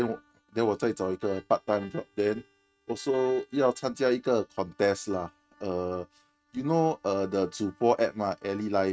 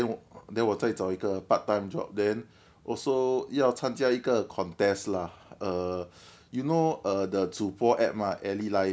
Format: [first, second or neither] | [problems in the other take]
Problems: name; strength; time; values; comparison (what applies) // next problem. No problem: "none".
second | noise reduction (neural mask model RNNoise)